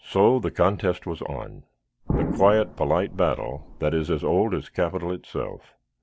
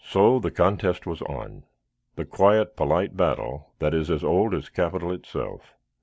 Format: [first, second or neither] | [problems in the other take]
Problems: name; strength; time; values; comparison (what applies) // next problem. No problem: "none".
second | background sound (Explosion); 7 dB below the speech